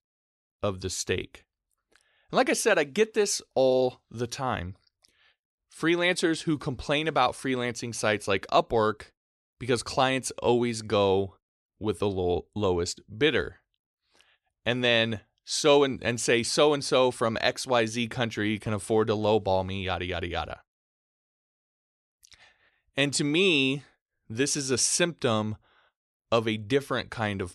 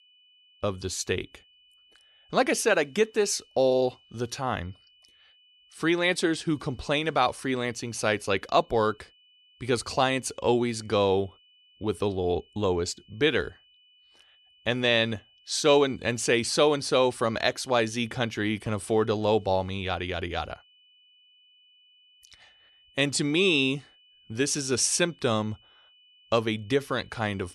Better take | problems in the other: first | high-pitched whine; faint; throughout; 3 kHz, 30 dB below the speech

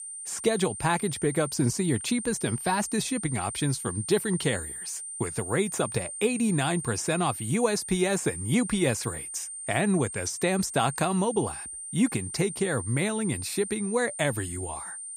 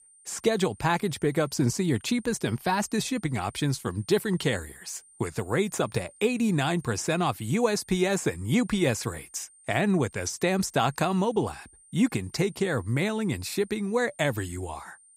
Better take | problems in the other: second | high-pitched whine; loud; throughout; 9 kHz, 7 dB below the speech; faint in the second

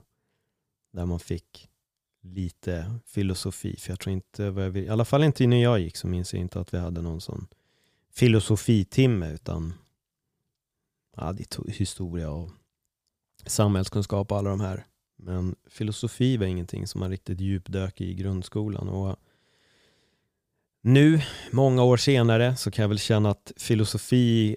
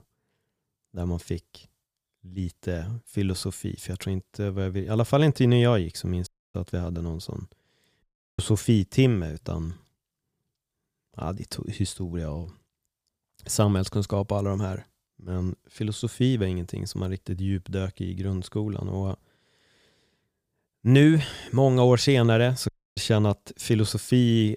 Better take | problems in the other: first | audio cutting out; at 6.5 s, at 8 s and at 23 s

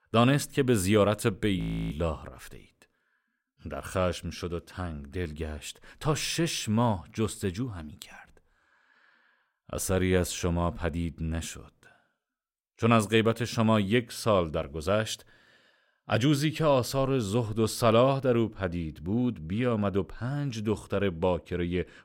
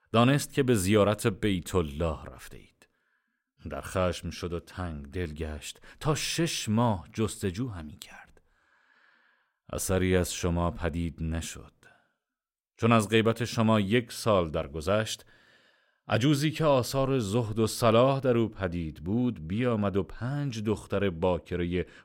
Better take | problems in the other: second | audio freezing; at 1.5 s

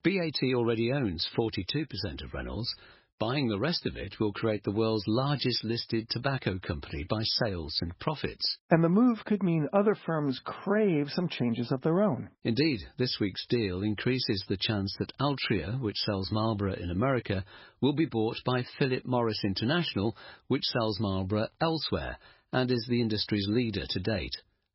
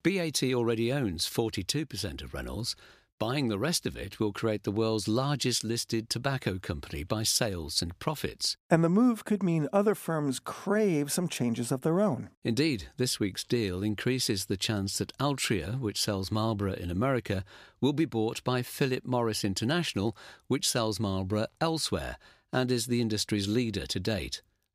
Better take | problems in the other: second | garbled, watery; badly; nothing above 5.5 kHz

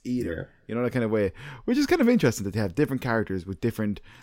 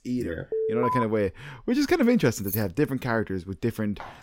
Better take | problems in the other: first | alarm; loud; at 0.5 s; peak level with the speech // jangling keys; noticeable; at 2.5 s; peak 7 dB below the speech // footsteps; very faint; at 4 s; peak 15 dB below the speech

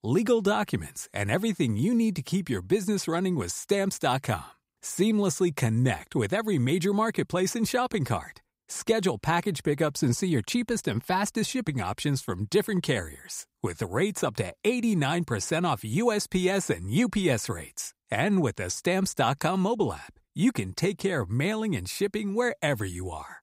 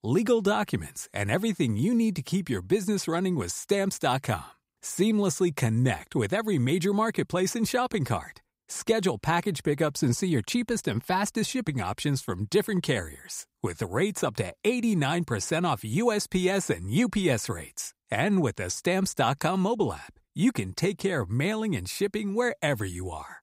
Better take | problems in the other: neither | none

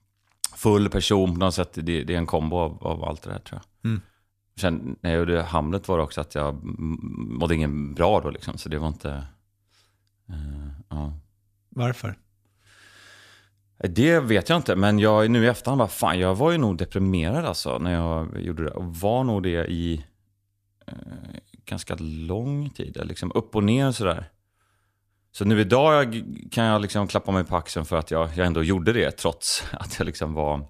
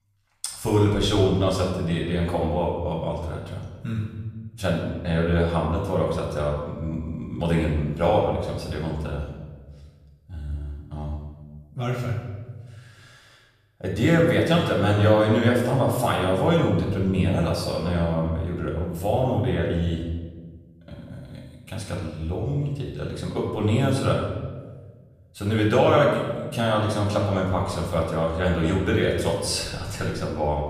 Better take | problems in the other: first | off-mic speech; far // room echo; noticeable; dies away in 1.2 s

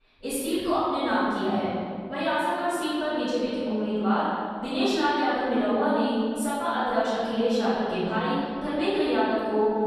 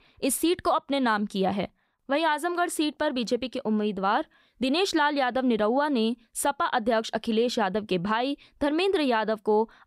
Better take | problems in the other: second | room echo; strong; dies away in 2.1 s // off-mic speech; far

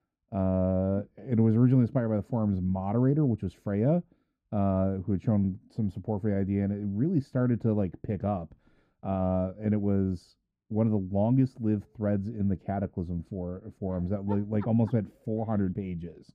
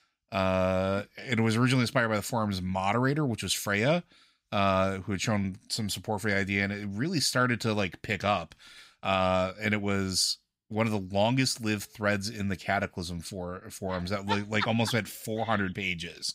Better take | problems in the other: second | muffled; very; fading above 1.5 kHz

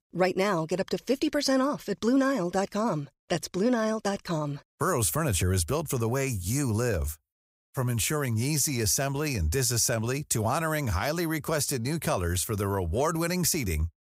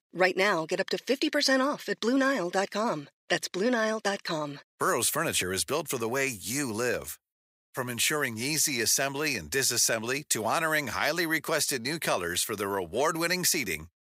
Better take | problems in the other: first | thin; very slightly; fading below 250 Hz

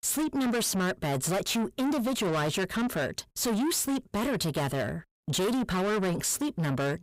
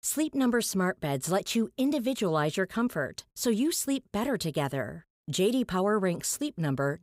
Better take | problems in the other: second | distortion; heavy; 7 dB below the speech

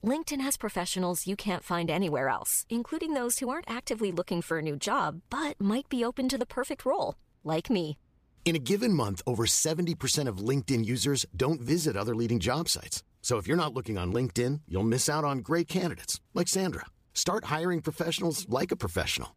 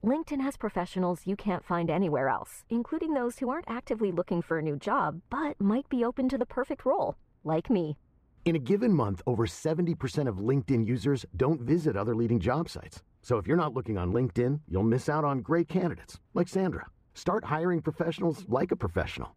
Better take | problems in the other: first | muffled; very; fading above 3 kHz

